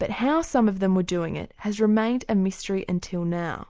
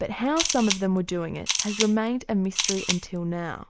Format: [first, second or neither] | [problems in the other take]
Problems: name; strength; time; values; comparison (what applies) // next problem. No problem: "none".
first | background sound (Camera); 4 dB below the speech